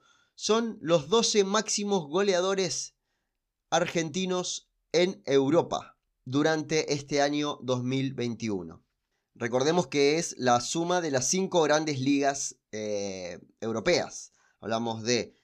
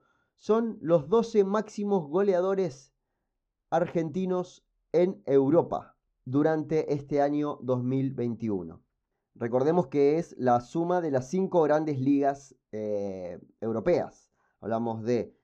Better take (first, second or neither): first